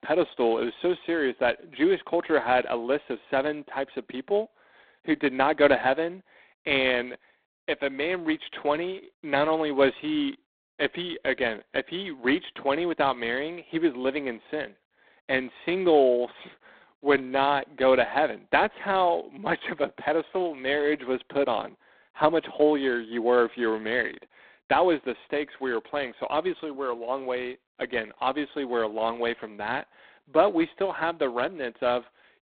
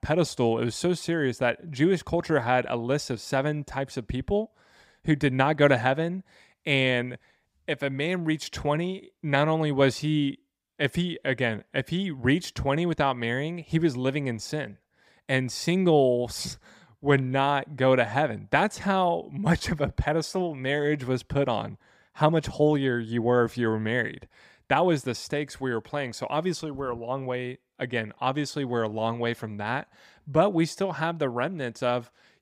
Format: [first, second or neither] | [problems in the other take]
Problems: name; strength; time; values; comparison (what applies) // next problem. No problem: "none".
second | phone-call audio; poor line; nothing above 3.5 kHz